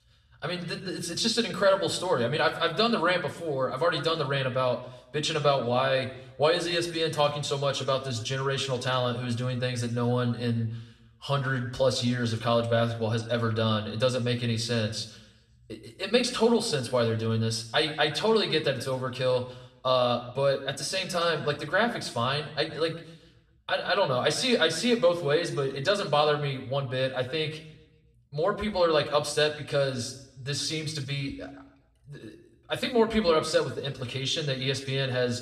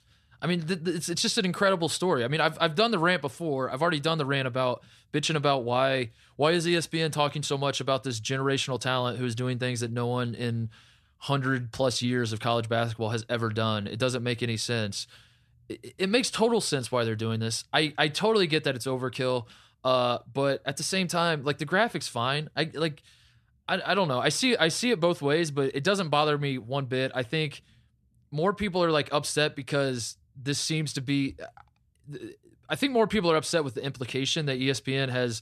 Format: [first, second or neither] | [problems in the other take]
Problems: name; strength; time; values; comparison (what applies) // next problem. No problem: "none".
second | room echo; slight; dies away in 0.6 s // off-mic speech; somewhat distant